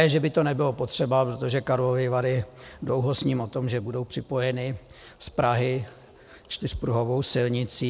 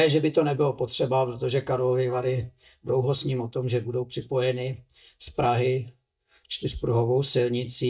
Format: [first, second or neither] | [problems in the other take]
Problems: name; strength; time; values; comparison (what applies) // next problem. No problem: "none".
first | noise reduction (neural mask model DeepFilterNet 3)